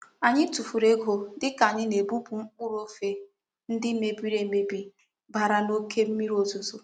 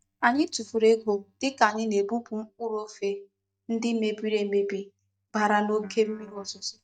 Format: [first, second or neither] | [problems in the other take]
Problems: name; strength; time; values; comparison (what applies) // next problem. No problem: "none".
first | noise reduction (neural mask model DeepFilterNet 3)